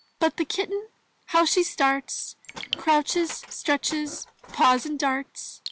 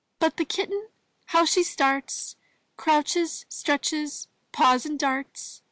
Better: second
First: background sound (Raindrop / Drip + Tools); 17 dB below the speech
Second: none

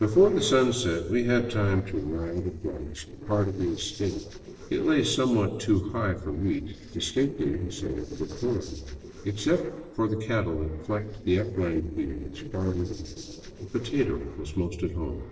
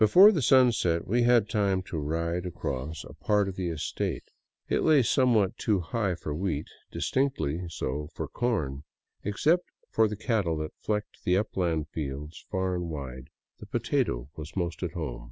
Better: second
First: noise reduction (neural separator model SepFormer DNS4)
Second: none

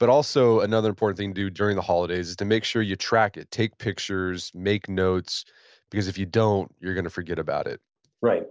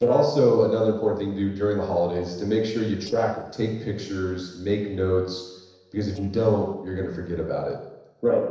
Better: first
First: none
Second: noise reduction (neural separator model SepFormer DNS4)

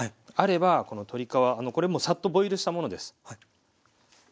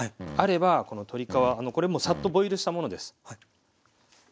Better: first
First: none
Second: background sound (Fart); 13 dB below the speech

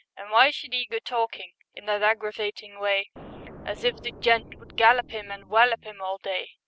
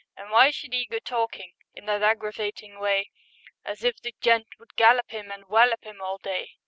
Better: second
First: background sound (Explosion); 19 dB below the speech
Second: none

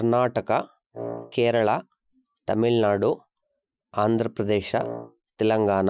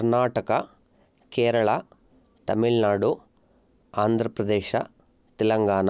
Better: second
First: noise reduction (classical method Wiener filter)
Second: none

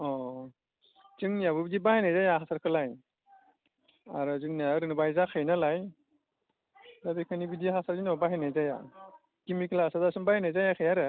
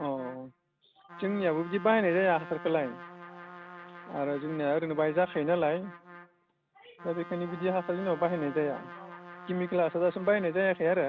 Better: first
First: none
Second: background sound (Trumpet); 16 dB below the speech

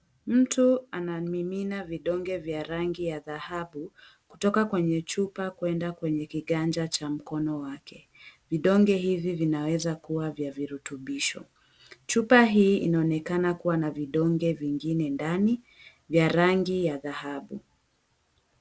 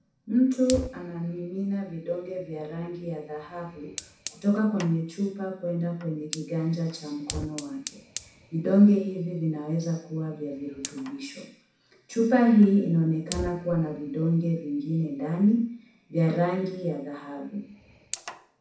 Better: first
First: none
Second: background sound (Fire); 17 dB below the speech // room echo; dies away in 0.6 s

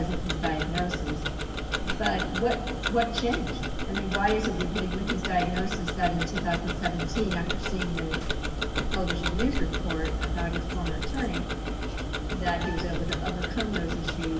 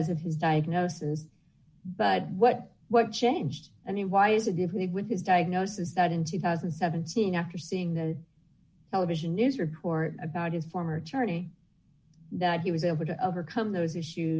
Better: second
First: background sound (Tick-tock); 1 dB above the speech // room echo; dies away in 1.1 s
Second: none

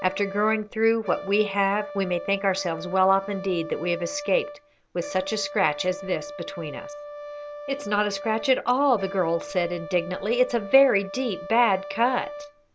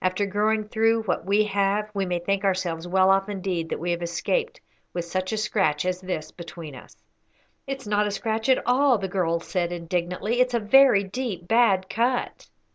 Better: second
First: background sound (Brass instrument); 12 dB below the speech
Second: none

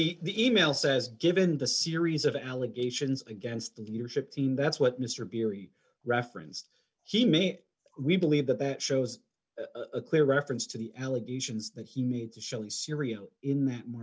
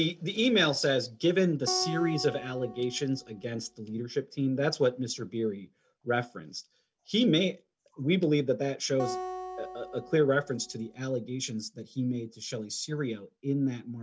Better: first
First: none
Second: background sound (Acoustic guitar); 11 dB below the speech

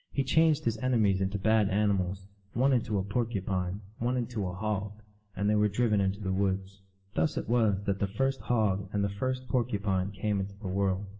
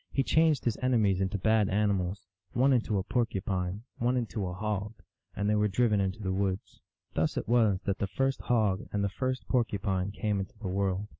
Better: second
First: room echo; dies away in 0.6 s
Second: none

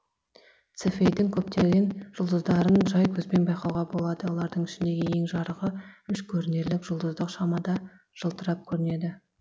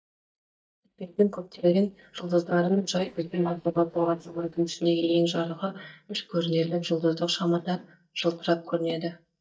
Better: first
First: none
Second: noise reduction (neural mask model DeepFilterNet 3)

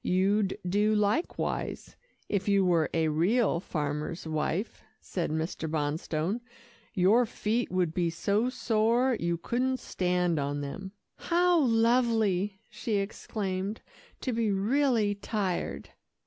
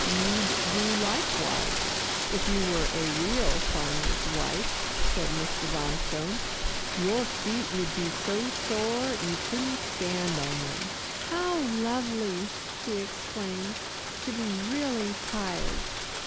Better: first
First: none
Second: background sound (Rain); 2 dB above the speech

